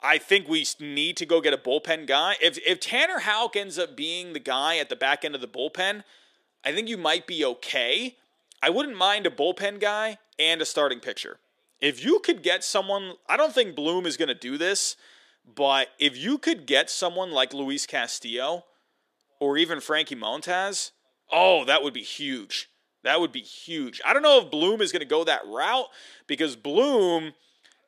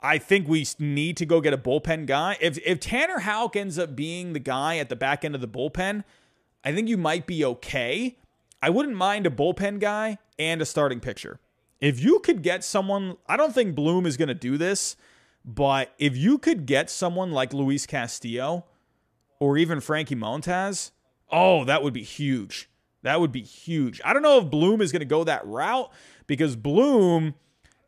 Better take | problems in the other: second | thin; somewhat; fading below 350 Hz

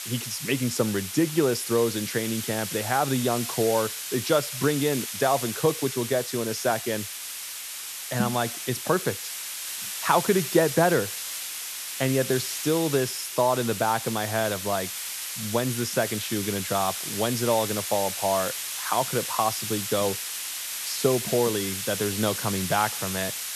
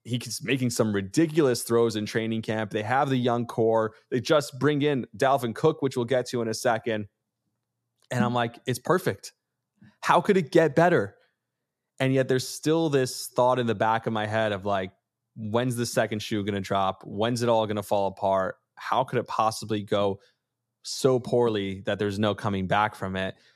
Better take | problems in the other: second | hiss; loud; throughout; 5 dB below the speech

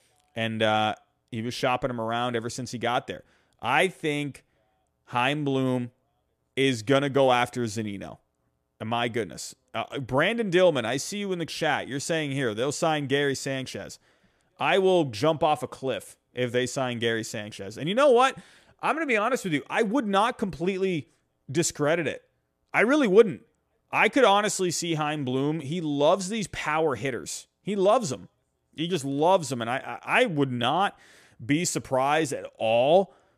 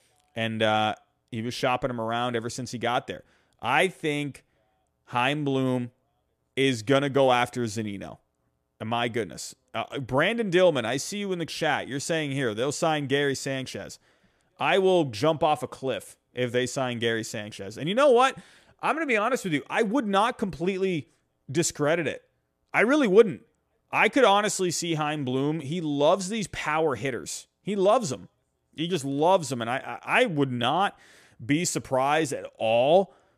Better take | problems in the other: neither | none

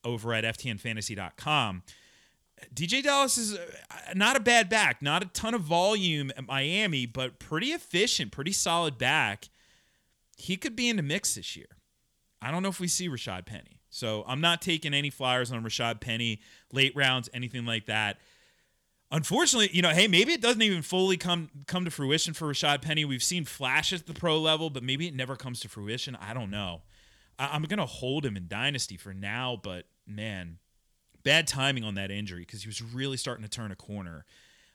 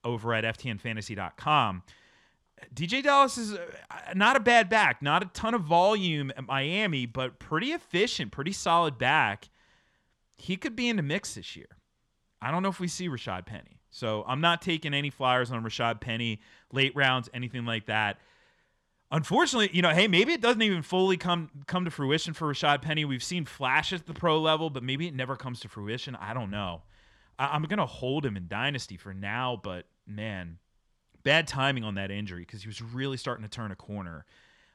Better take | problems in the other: first | muffled; slightly; fading above 2.5 kHz

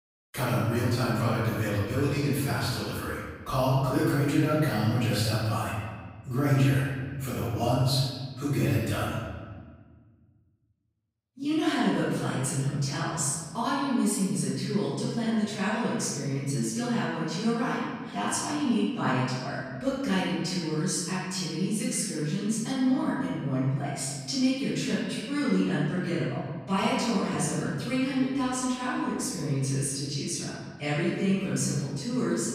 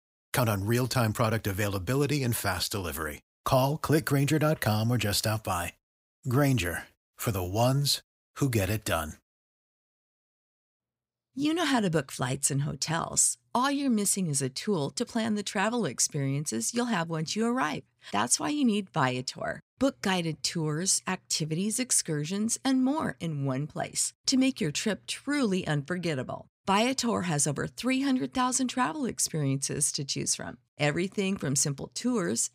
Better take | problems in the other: second | off-mic speech; far // room echo; strong; dies away in 1.5 s

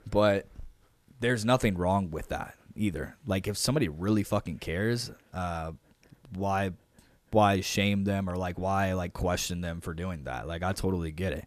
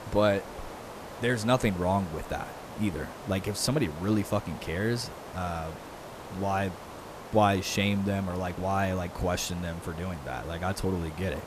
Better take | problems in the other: first | hiss; noticeable; throughout; 15 dB below the speech

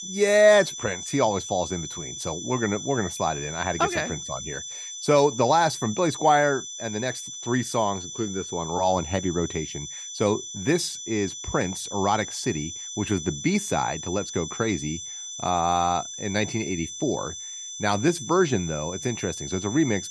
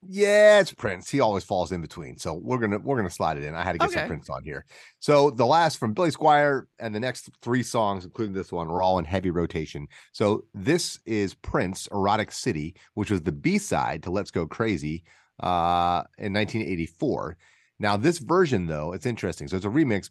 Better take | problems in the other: second | high-pitched whine; loud; throughout; 6 kHz, 8 dB below the speech

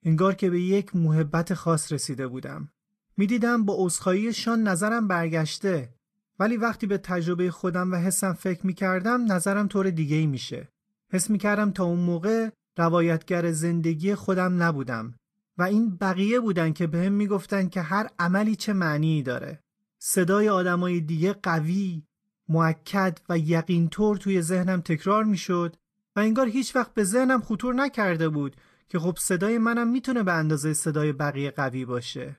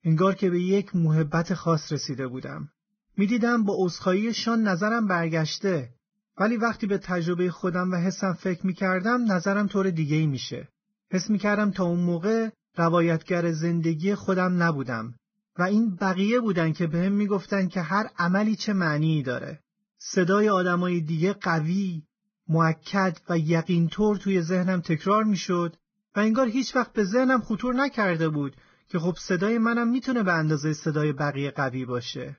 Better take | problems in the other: first | garbled, watery; badly; nothing above 6.5 kHz; slightly in the first

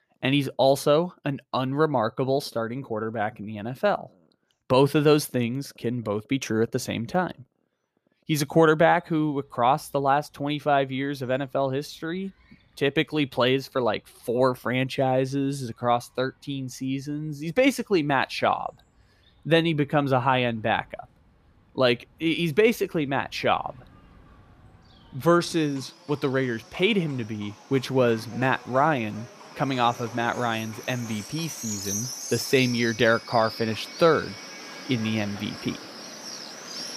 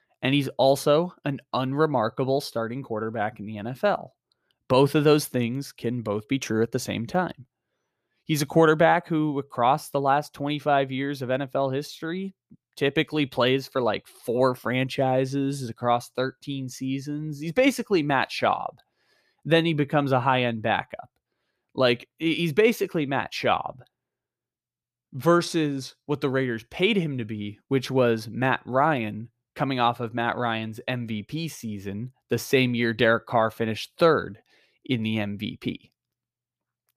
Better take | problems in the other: second | animal sounds; noticeable; throughout; 10 dB below the speech

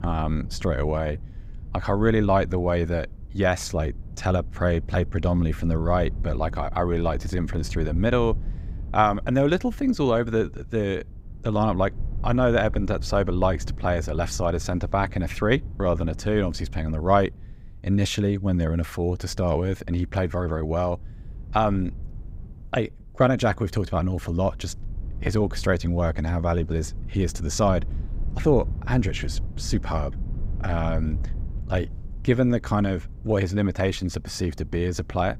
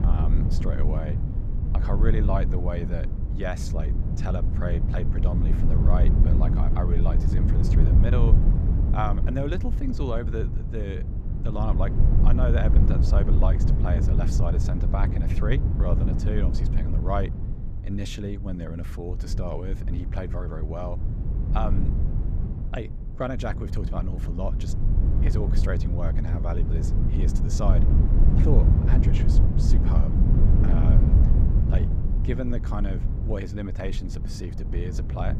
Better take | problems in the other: first | low rumble; loud; throughout; 3 dB below the speech; faint in the first

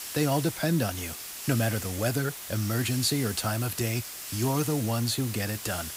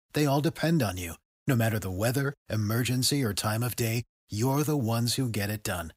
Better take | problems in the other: second | hiss; loud; throughout; 8 dB below the speech

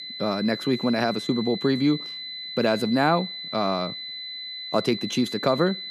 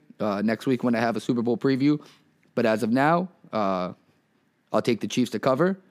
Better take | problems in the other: second | high-pitched whine; loud; throughout; 4 kHz, 8 dB below the speech

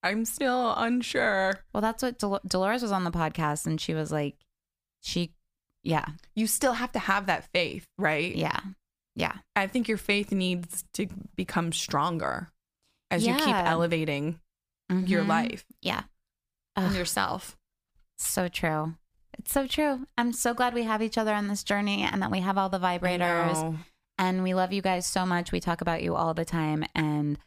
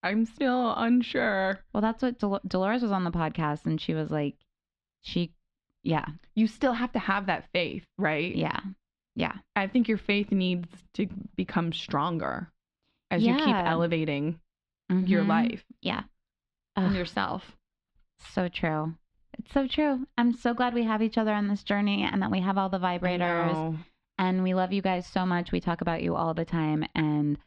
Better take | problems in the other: first | muffled; slightly; fading above 3.5 kHz

